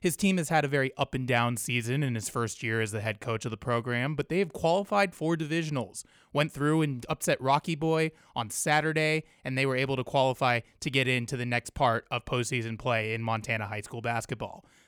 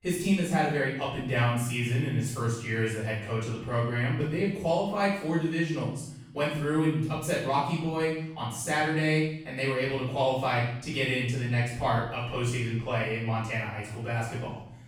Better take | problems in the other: first | off-mic speech; far // room echo; noticeable; dies away in 0.8 s

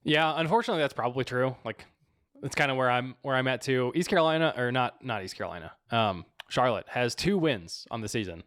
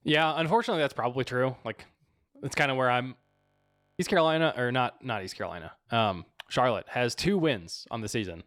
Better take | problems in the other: first | audio freezing; at 3 s for 1 s

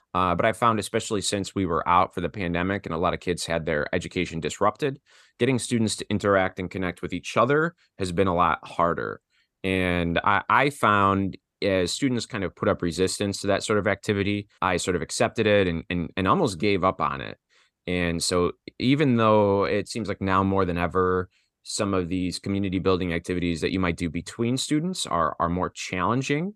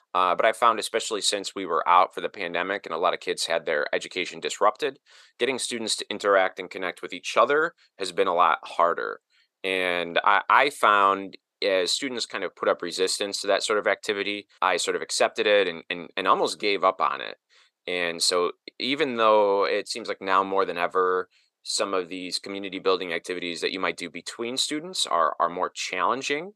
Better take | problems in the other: first | thin; somewhat; fading below 550 Hz

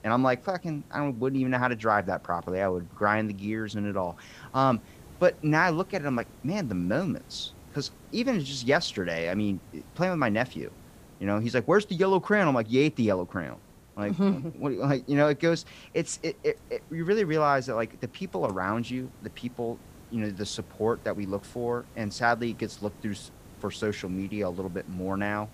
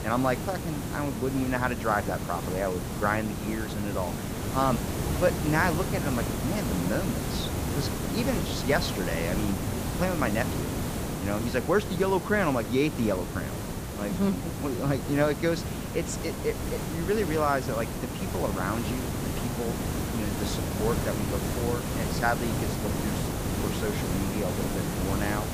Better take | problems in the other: first | hiss; loud; throughout; 1 dB below the speech; faint in the first

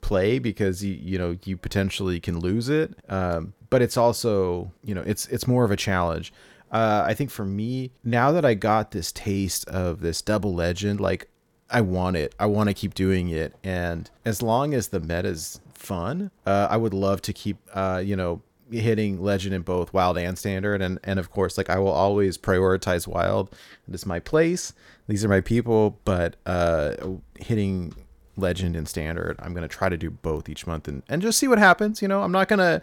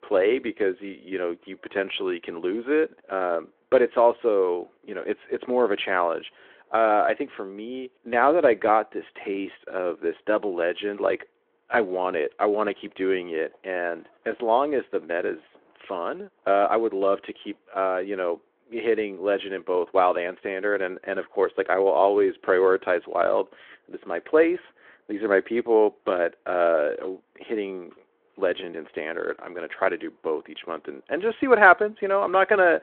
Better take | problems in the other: first | phone-call audio

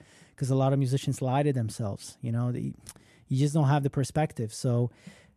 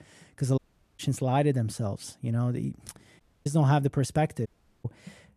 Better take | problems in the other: first | audio cutting out; at 0.5 s, at 3 s and at 4.5 s

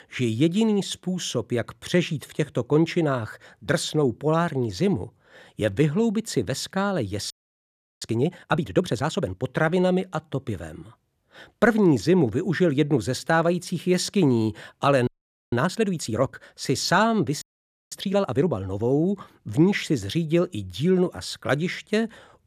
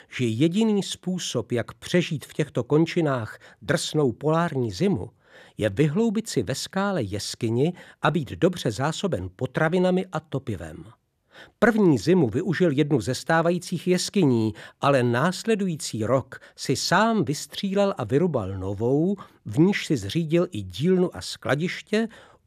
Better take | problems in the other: second | audio freezing; at 7.5 s for 0.5 s, at 15 s and at 17 s

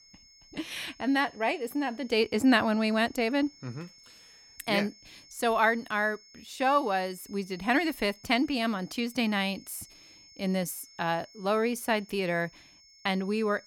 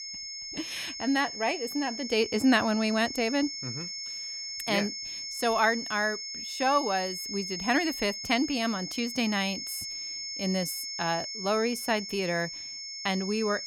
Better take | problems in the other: first | high-pitched whine; loud; throughout; 5.5 kHz, 6 dB below the speech; faint in the first

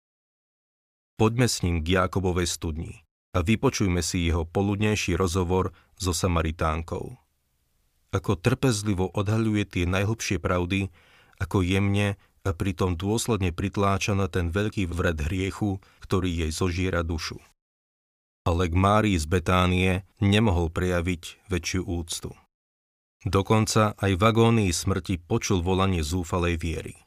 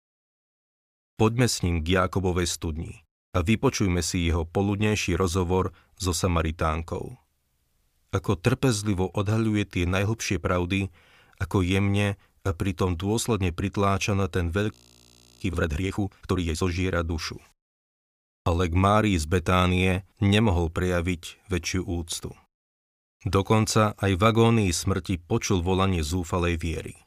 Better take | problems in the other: first | audio freezing; at 15 s for 0.5 s

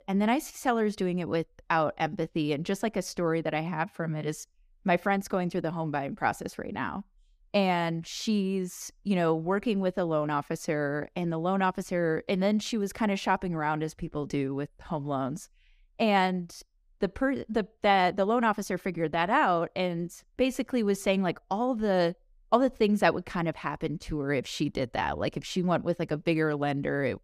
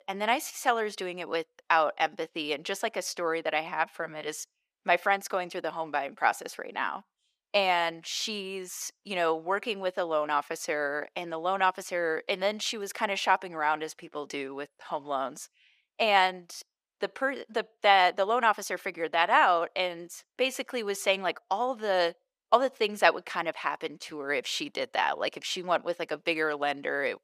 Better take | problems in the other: first | thin; very; fading below 600 Hz

